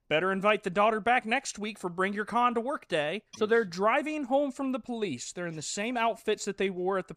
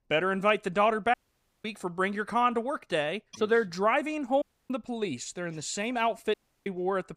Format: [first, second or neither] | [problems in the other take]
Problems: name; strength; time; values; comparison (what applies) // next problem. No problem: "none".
first | audio cutting out; at 1 s for 0.5 s, at 4.5 s and at 6.5 s